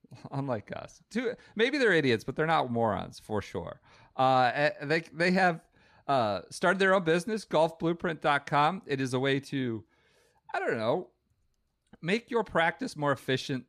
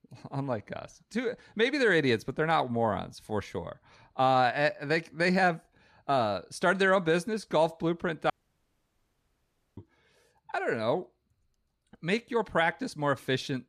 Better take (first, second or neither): first